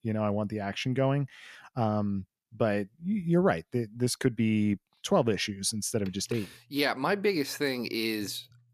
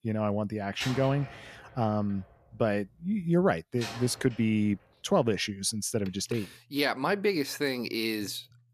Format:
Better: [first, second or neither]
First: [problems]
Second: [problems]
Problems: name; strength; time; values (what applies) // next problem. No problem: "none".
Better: first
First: none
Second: door banging; noticeable; from 1 to 4.5 s; peak 8 dB below the speech